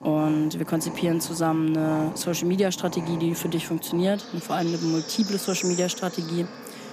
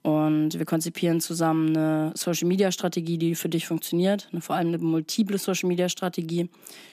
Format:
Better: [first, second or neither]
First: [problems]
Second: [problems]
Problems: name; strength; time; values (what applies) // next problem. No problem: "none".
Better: second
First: animal sounds; noticeable; throughout; 10 dB below the speech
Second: none